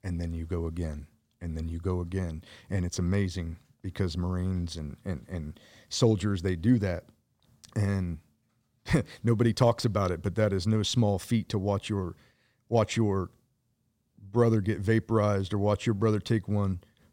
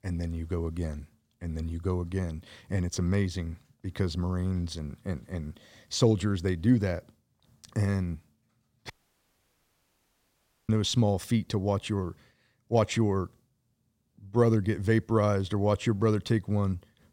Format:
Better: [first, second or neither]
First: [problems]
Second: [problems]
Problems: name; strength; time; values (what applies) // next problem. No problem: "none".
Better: first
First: none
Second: audio cutting out; at 9 s for 2 s